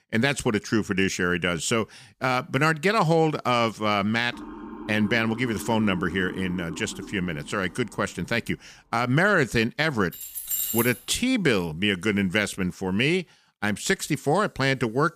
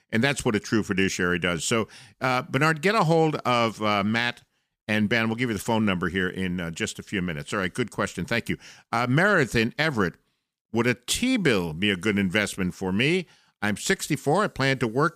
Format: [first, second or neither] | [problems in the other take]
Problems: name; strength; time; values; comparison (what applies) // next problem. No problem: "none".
second | siren; faint; from 4.5 to 8.5 s; peak 10 dB below the speech // jangling keys; noticeable; at 10 s; peak level with the speech